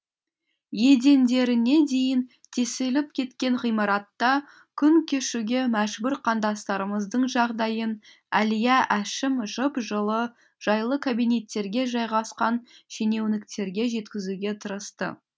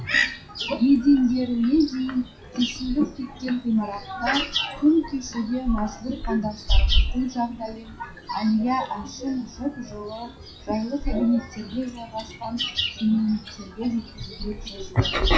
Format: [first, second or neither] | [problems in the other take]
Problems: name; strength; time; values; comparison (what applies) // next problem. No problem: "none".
first | noise reduction (classical method WPE with log-MMSE)